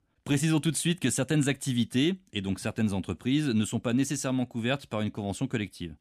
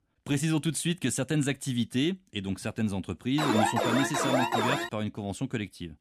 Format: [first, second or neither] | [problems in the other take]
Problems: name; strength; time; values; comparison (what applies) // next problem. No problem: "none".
first | alarm; loud; from 3.5 to 5 s; peak 3 dB above the speech